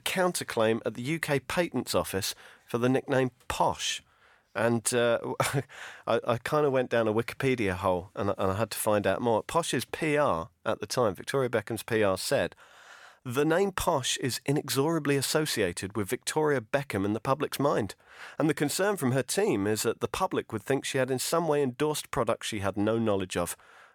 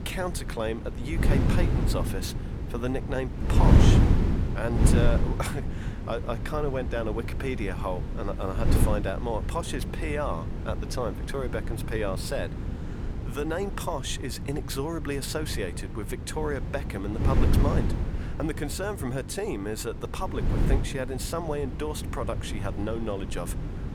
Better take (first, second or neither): first